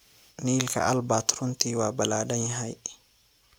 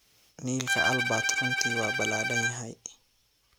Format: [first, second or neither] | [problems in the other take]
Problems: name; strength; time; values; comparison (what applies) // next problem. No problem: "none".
first | background sound (Bowed string instrument); 3 dB above the speech